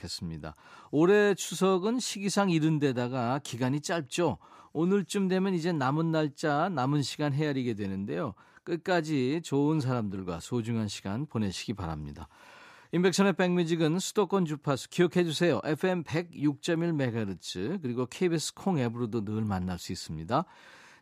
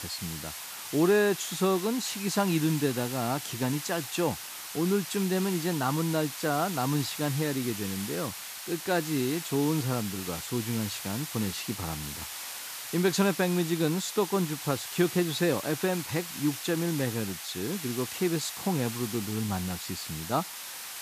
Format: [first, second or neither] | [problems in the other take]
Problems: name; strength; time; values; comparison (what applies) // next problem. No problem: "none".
first | hiss; loud; throughout; 7 dB below the speech